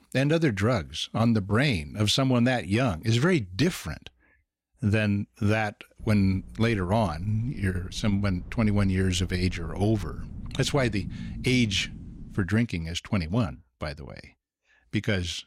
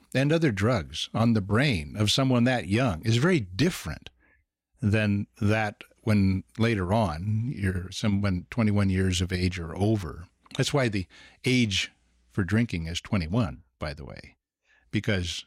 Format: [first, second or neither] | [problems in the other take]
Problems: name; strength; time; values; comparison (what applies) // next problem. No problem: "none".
second | low rumble; faint; from 6 to 12 s; 25 dB below the speech